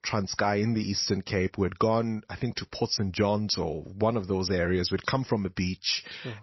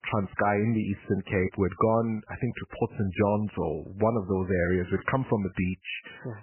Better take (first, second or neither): first